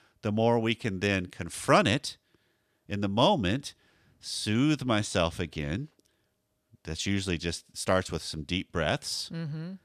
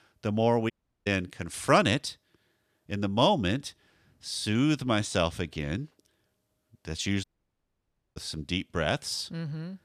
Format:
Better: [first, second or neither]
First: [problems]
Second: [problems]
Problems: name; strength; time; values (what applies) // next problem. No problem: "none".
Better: first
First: none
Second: audio cutting out; at 0.5 s and at 7 s for 1 s